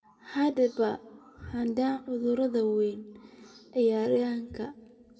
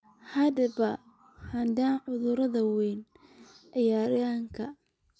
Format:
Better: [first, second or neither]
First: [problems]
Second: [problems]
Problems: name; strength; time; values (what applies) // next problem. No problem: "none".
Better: second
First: room echo; dies away in 1 s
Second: none